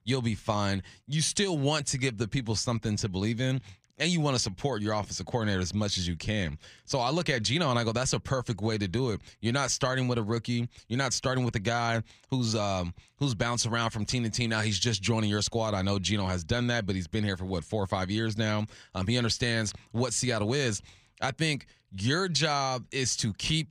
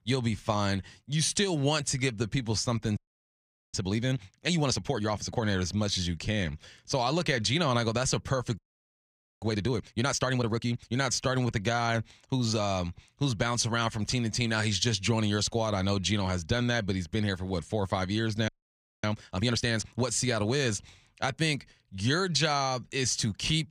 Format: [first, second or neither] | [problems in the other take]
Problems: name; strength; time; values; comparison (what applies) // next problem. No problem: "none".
first | audio freezing; at 3 s for 1 s, at 8.5 s for 1 s and at 18 s for 0.5 s